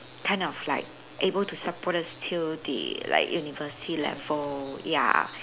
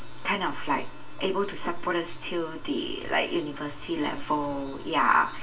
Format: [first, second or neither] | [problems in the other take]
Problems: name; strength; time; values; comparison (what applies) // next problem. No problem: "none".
first | room echo; dies away in 0.2 s